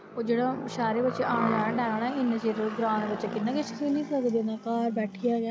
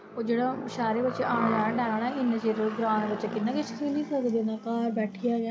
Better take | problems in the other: first | room echo; dies away in 2.1 s

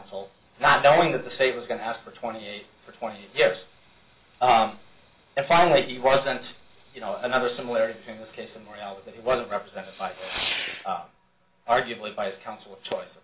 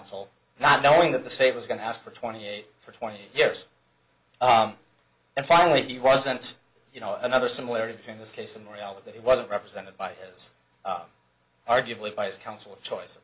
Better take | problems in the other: second | background sound (Fireworks); 17 dB below the speech // room echo; dies away in 0.3 s

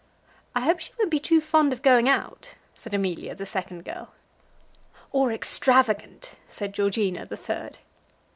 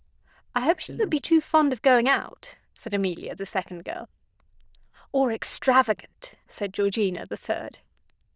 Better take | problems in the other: first | noise reduction (neural diffusion model UNIVERSE++)

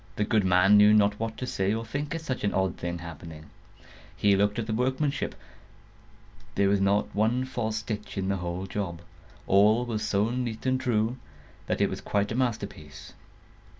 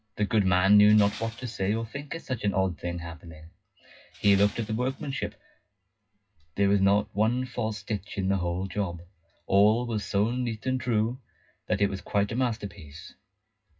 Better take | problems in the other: first | noise reduction (classical method WPE with log-MMSE)

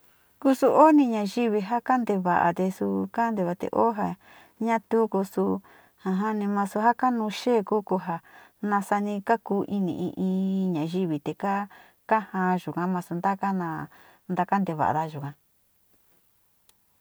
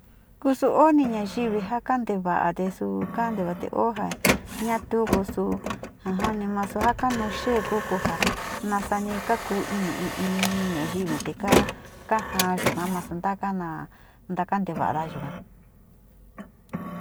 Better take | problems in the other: first | background sound (Printer); 5 dB below the speech

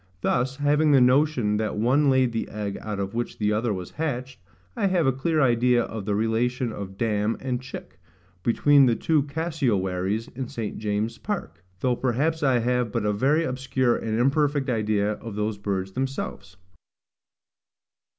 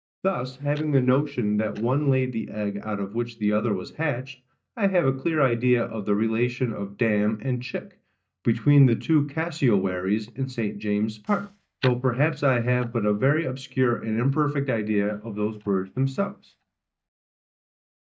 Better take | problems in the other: first | noise reduction (neural mask model DeepFilterNet 3)

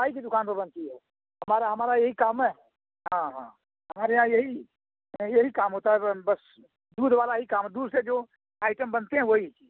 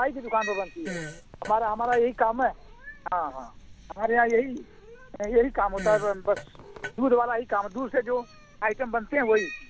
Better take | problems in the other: first | background sound (Fart + Cat); 14 dB below the speech

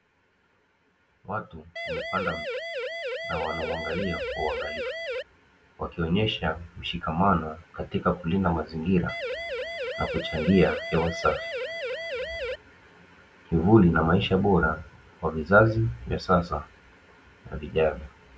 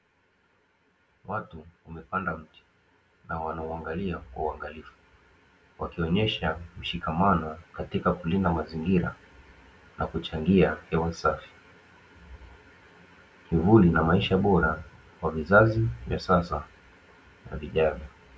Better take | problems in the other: second | background sound (Siren); 5 dB below the speech

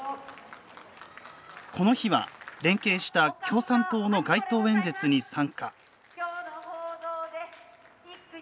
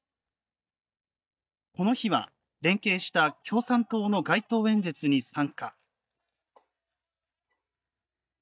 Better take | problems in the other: first | noise reduction (neural mask model DeepFilterNet 3)

